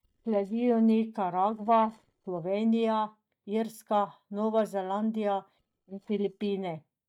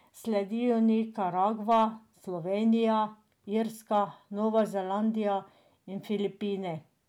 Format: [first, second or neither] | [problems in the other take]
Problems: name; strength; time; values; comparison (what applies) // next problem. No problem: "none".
second | noise reduction (neural mask model DeepFilterNet 3)